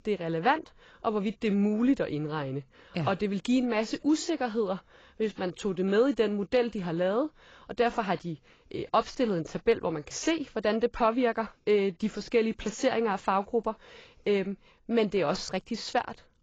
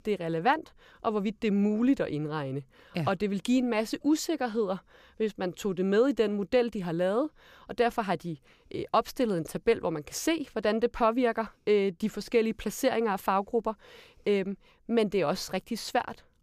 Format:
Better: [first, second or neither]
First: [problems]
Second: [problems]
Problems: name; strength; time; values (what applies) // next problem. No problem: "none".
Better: second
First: garbled, watery; badly; nothing above 7.5 kHz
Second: none